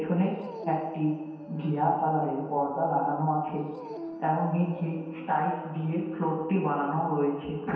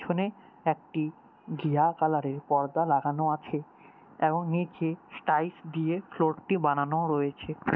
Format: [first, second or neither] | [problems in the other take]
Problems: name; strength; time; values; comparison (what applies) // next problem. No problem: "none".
second | background sound (Dog); 16 dB below the speech // room echo; dies away in 1.2 s